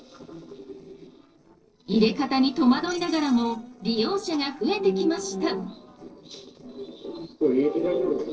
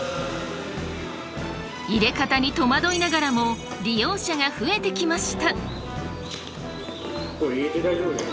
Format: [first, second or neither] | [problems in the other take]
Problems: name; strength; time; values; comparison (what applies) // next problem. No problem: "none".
second | noise reduction (neural separator model SepFormer DNS4)